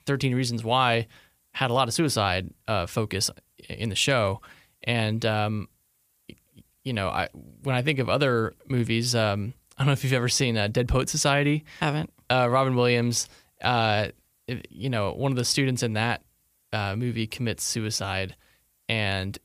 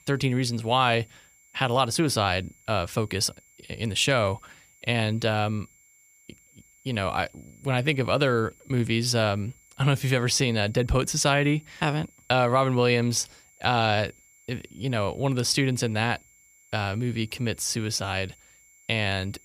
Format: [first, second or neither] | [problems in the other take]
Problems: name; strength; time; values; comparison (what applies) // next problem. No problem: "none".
first | high-pitched whine; faint; throughout; 7.5 kHz, 30 dB below the speech